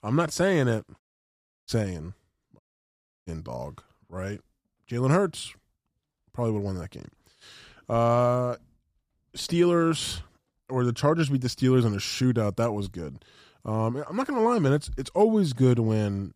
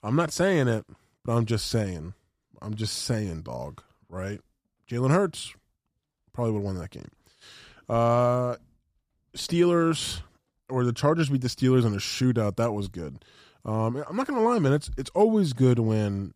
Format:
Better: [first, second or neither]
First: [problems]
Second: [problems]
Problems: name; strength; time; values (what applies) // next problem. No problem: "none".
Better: second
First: audio cutting out; at 1 s for 0.5 s and at 2.5 s for 0.5 s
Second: none